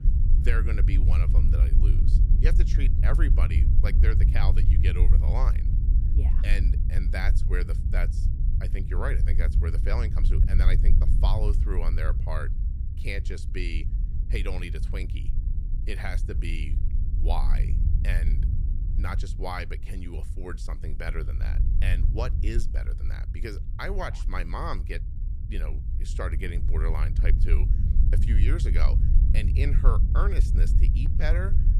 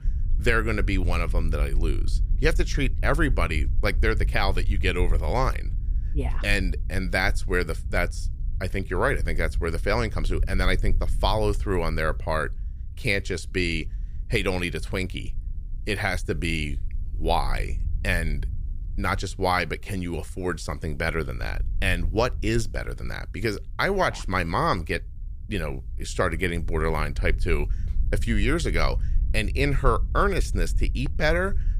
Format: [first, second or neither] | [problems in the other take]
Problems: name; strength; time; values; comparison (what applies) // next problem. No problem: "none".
second | low rumble; loud; throughout; 7 dB below the speech; faint in the second